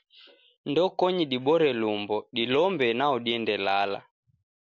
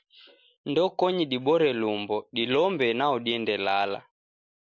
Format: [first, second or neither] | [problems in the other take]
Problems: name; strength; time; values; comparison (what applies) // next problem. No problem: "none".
first | noise reduction (neural mask model Resemble Enhance denoiser)